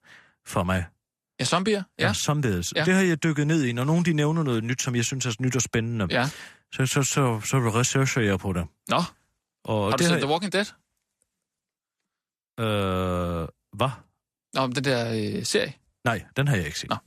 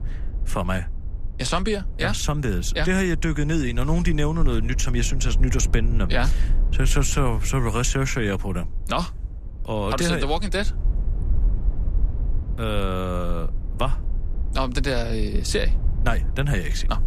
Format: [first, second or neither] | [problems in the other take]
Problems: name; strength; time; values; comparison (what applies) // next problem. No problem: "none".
first | low rumble; noticeable; throughout; 20 dB below the speech